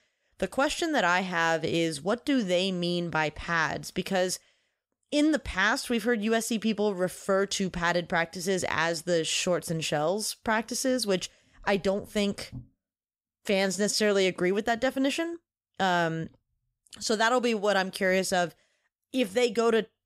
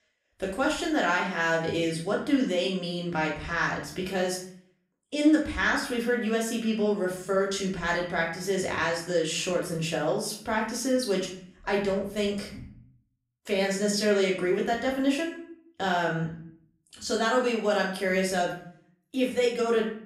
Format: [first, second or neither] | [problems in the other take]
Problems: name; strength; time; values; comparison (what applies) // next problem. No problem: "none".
first | off-mic speech; far // room echo; slight; dies away in 0.5 s